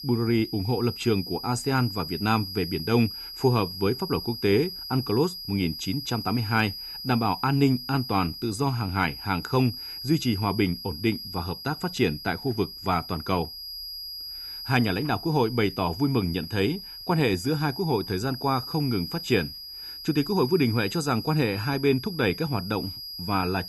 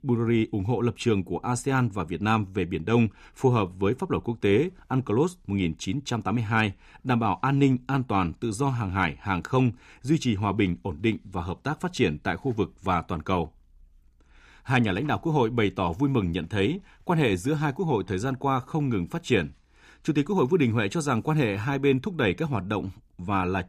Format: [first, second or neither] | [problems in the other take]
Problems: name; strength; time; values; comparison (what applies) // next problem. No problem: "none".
second | high-pitched whine; loud; throughout; 5 kHz, 9 dB below the speech